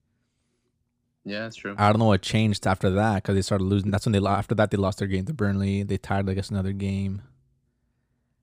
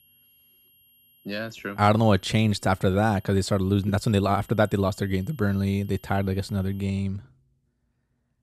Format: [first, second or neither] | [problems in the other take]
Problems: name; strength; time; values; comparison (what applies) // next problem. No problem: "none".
first | high-pitched whine; faint; until 7 s; 11.5 kHz, 30 dB below the speech